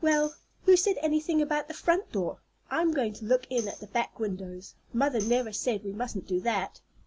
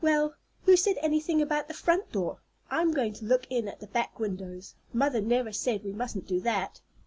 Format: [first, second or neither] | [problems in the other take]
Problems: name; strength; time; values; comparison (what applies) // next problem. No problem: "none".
second | background sound (Tambourine); 19 dB below the speech